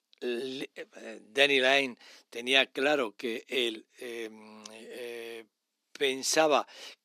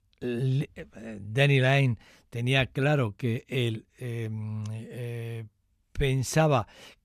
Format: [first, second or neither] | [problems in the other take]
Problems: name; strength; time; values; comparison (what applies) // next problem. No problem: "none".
second | thin; somewhat; fading below 300 Hz